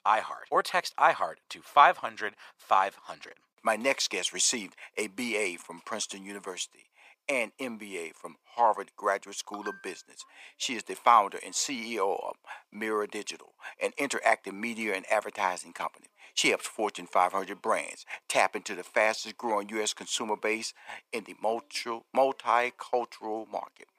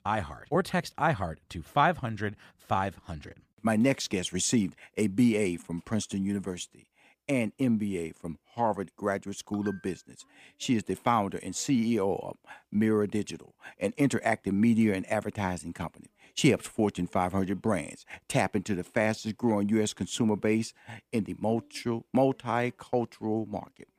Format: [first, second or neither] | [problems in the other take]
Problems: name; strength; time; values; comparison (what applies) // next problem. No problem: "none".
second | thin; very; fading below 650 Hz